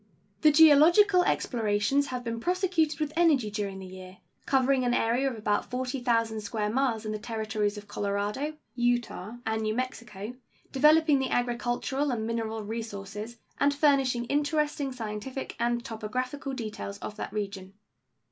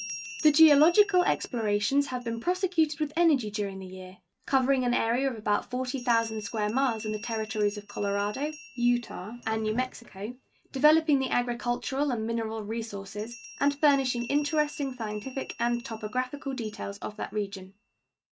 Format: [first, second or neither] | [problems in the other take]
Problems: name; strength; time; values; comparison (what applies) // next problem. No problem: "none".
first | noise reduction (neural mask model RNNoise)